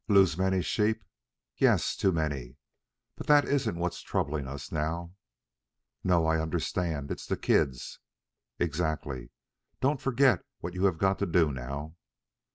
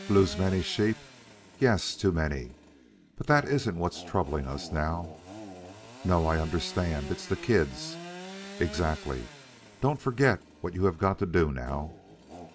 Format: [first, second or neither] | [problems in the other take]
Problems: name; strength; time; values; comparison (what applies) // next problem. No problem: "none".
first | background sound (Sawing / Engine); 16 dB below the speech